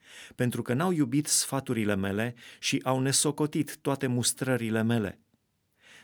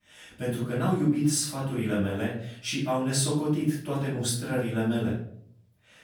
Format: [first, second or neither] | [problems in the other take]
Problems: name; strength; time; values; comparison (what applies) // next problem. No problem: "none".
first | off-mic speech; far // room echo; noticeable; dies away in 0.5 s